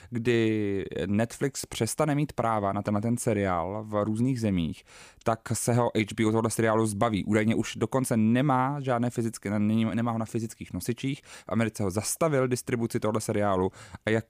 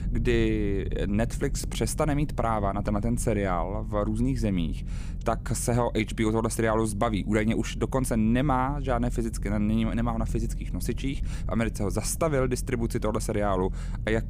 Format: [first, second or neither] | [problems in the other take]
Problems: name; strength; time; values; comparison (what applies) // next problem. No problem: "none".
first | low rumble; noticeable; throughout; 20 dB below the speech